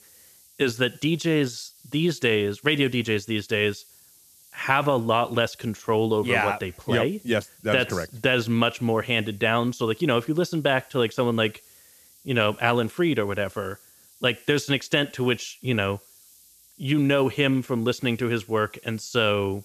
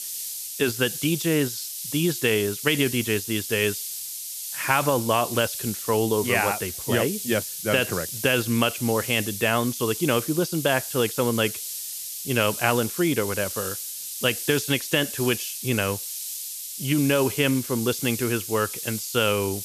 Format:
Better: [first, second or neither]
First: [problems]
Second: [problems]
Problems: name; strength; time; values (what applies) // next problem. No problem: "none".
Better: first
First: hiss; faint; throughout; 25 dB below the speech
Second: hiss; loud; throughout; 6 dB below the speech